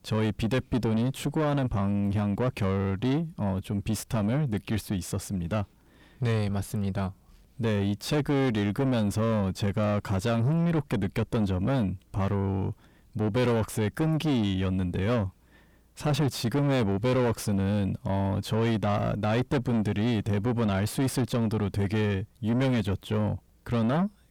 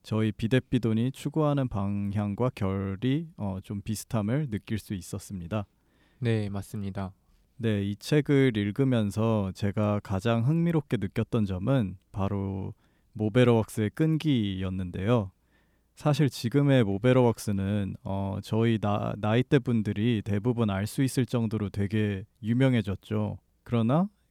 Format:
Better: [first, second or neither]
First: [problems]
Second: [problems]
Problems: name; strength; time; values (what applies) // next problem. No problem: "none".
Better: second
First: distortion; heavy; 6 dB below the speech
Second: none